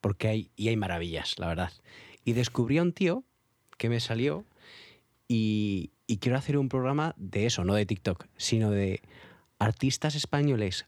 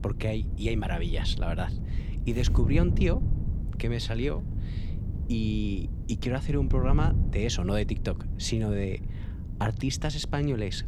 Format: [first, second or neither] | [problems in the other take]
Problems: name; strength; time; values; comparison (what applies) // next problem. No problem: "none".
first | wind noise on the microphone; occasional gusts; 10 dB below the speech